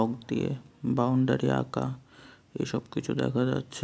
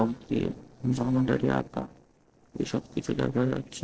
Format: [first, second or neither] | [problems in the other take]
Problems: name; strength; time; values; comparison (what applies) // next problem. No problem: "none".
first | noise reduction (neural separator model SepFormer DNS4)